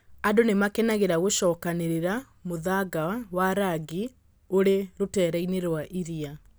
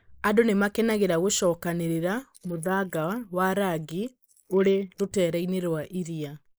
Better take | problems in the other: first | noise reduction (neural mask model Resemble Enhance denoiser)

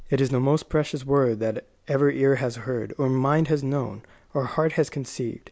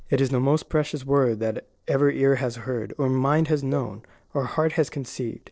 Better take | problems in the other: first | noise reduction (neural separator model SepFormer DNS4)

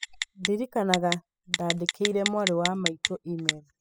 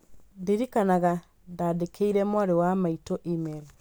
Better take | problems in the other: second | noise reduction (classical method spectral subtraction)

